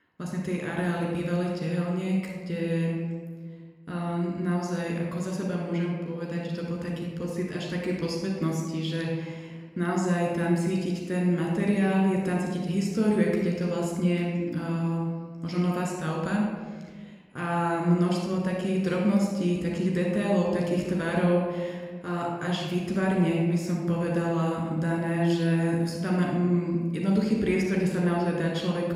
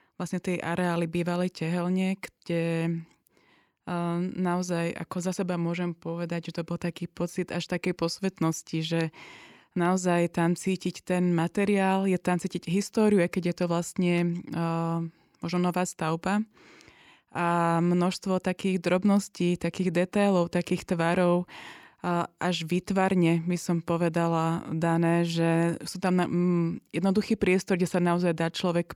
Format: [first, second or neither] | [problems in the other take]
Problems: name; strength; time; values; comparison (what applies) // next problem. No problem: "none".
second | off-mic speech; somewhat distant // room echo; noticeable; dies away in 1.3 s